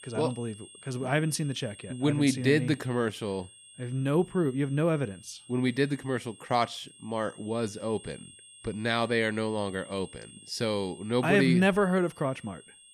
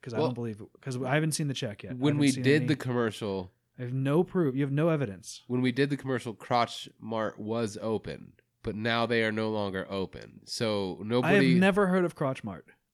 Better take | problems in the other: second | high-pitched whine; faint; throughout; 8.5 kHz, 20 dB below the speech

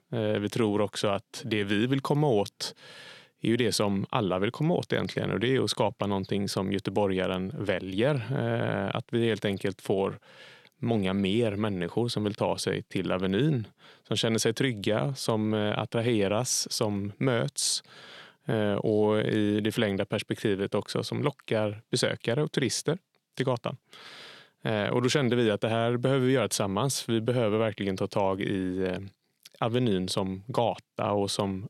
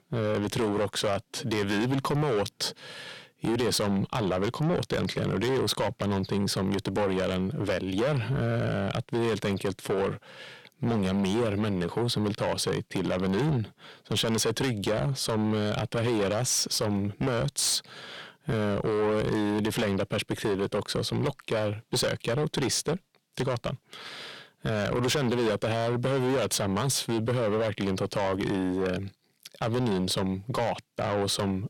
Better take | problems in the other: first | distortion; heavy; 6 dB below the speech

